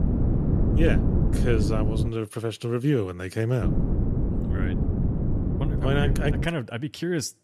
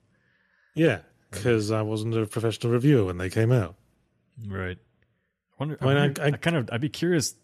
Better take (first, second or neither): second